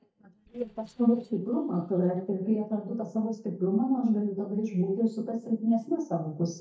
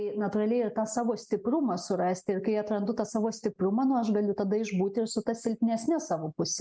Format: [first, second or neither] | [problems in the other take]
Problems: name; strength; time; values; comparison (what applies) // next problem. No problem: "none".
second | noise reduction (neural mask model DeepFilterNet 3)